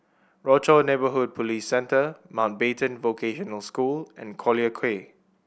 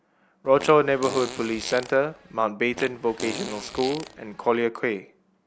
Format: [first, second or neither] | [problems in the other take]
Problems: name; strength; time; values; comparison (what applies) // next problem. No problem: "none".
first | background sound (Fart); 13 dB below the speech